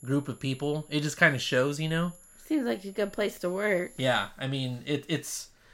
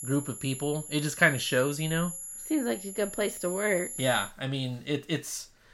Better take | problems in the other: first | high-pitched whine; loud; until 4.5 s; 11 kHz, 8 dB below the speech; faint in the first

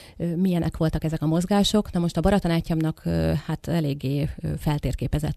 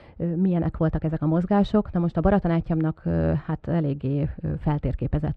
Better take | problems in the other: first | muffled; very; fading above 1.5 kHz

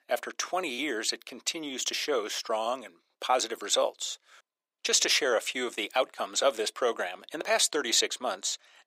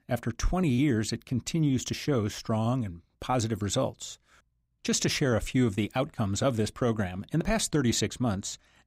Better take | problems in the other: second | thin; very; fading below 450 Hz

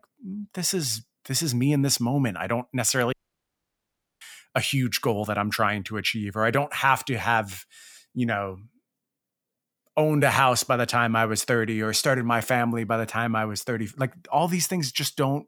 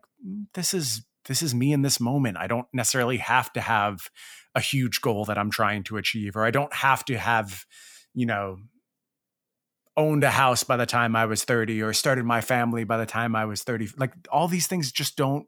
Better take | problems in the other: second | audio cutting out; at 3 s for 1 s

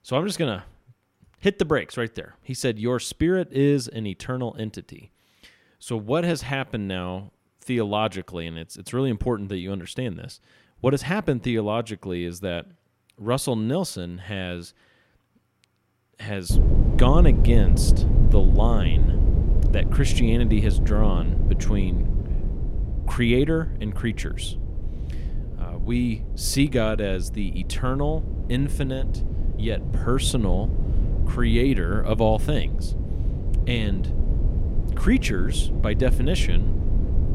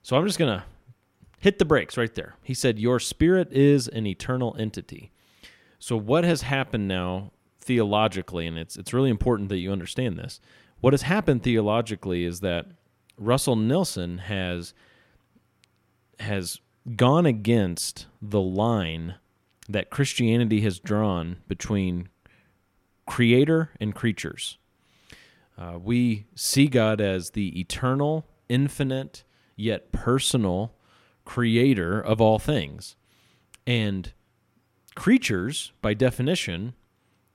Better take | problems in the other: second | low rumble; noticeable; from 17 s on; 10 dB below the speech

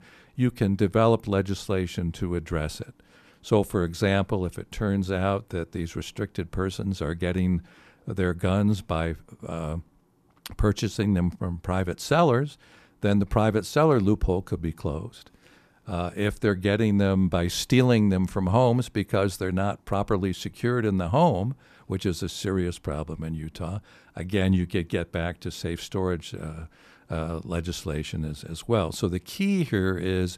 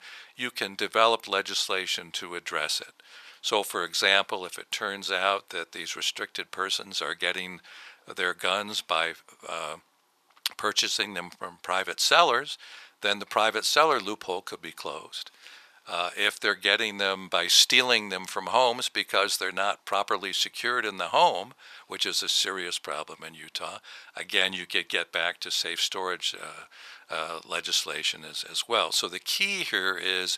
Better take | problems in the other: first | thin; very; fading below 850 Hz

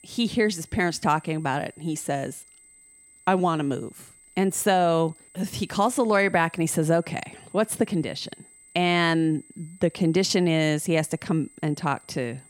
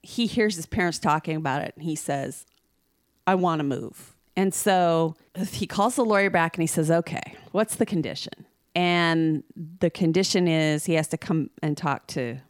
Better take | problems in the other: second | high-pitched whine; faint; throughout; 8 kHz, 25 dB below the speech

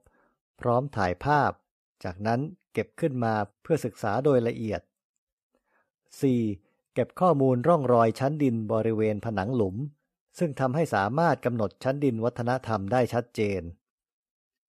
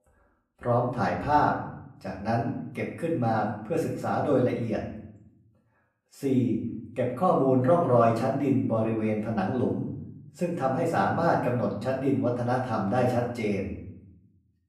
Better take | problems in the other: first | off-mic speech; far // room echo; noticeable; dies away in 0.7 s

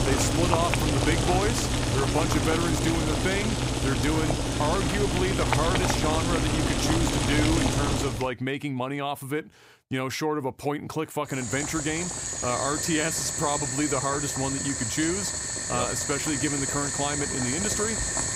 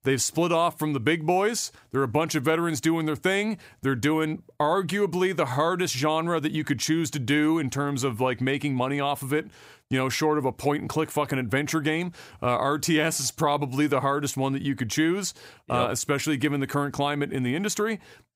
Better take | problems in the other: second | household noises; very loud; throughout; 2 dB above the speech

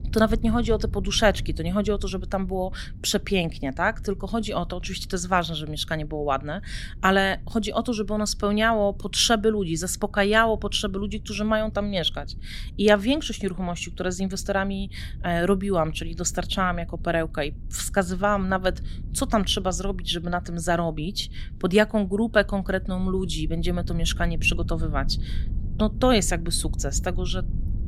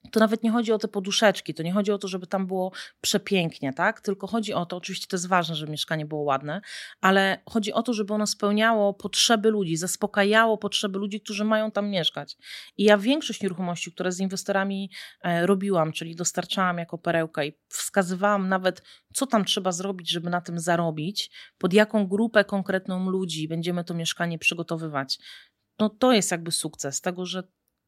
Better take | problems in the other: second | low rumble; faint; throughout; 25 dB below the speech

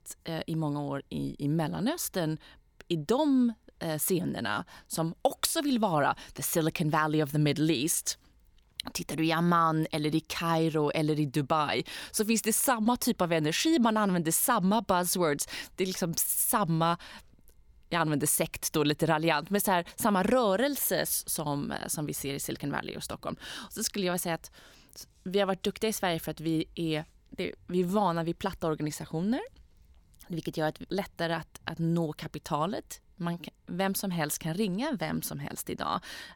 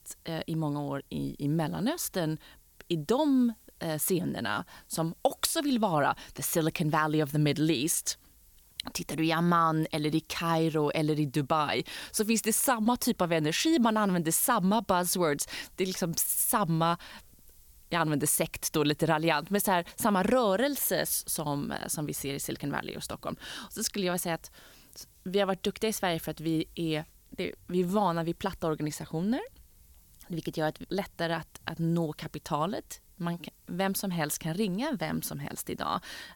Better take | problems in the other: first | hiss; faint; throughout; 30 dB below the speech

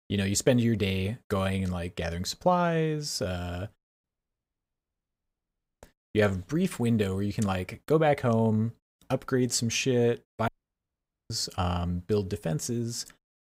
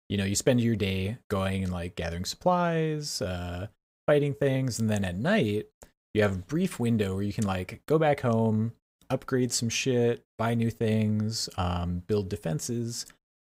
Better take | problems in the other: second | audio cutting out; at 4 s for 2 s and at 10 s for 1 s

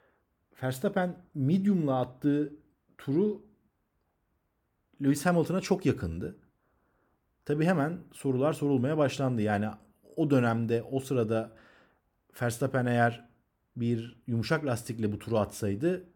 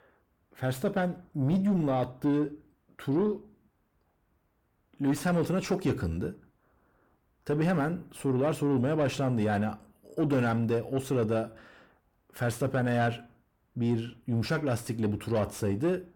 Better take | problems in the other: first | distortion; slight; 10 dB below the speech

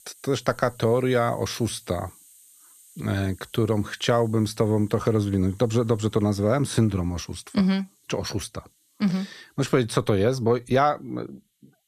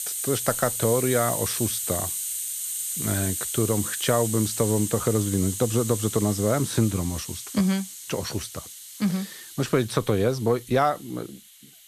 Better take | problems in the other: first | hiss; loud; throughout; 3 dB below the speech; faint in the first

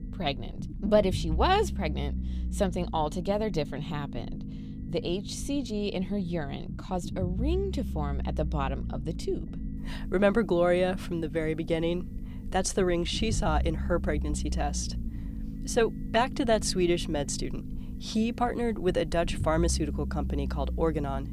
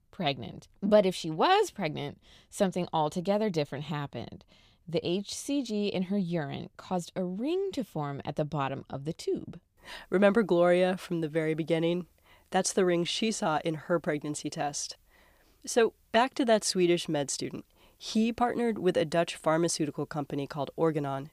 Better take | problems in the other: second | low rumble; noticeable; throughout; 15 dB below the speech

